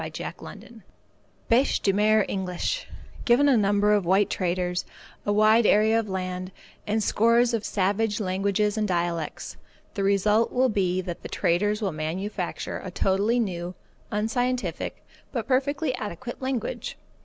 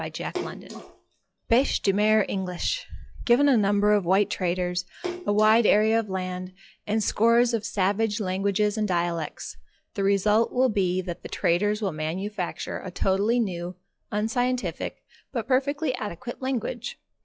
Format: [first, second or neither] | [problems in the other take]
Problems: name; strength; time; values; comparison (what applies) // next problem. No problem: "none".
first | noise reduction (classical method log-MMSE)